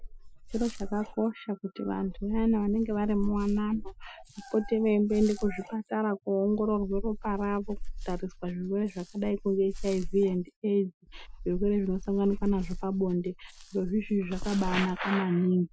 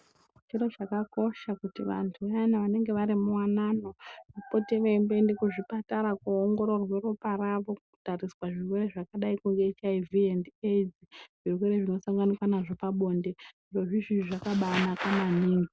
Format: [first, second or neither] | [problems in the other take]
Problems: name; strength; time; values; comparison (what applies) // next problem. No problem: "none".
second | noise reduction (classical method Wiener filter)